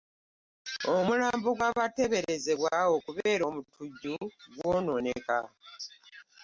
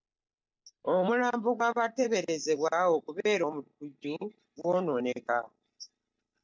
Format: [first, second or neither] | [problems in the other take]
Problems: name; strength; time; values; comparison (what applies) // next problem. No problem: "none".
first | noise reduction (neural mask model DeepFilterNet 3)